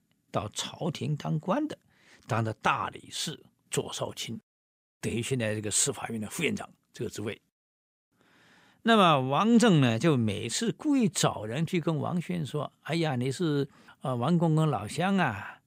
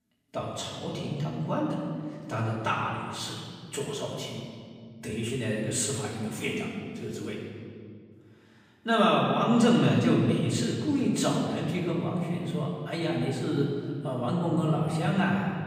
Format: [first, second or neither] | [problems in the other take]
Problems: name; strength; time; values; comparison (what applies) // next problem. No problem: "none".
first | room echo; noticeable; dies away in 2 s // off-mic speech; far